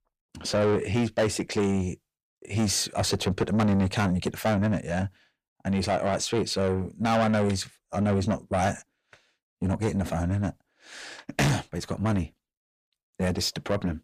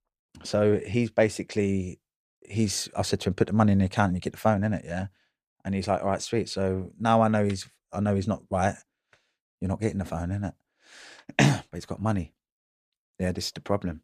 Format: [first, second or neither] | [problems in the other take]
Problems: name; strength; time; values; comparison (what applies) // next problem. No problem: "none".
second | distortion; heavy; 7 dB below the speech